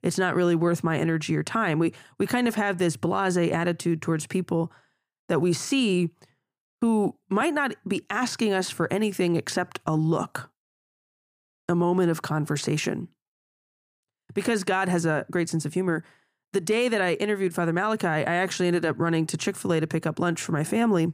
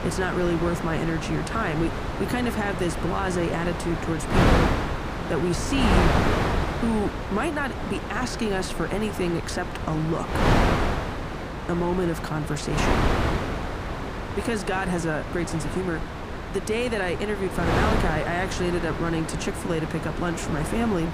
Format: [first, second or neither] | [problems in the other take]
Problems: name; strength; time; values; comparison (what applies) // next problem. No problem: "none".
first | wind noise on the microphone; heavy; as loud as the speech